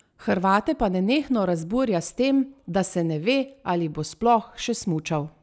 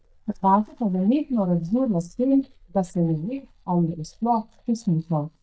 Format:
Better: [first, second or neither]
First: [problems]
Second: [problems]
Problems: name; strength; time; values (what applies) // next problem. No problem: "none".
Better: first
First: none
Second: noise reduction (neural mask model DeepFilterNet 3)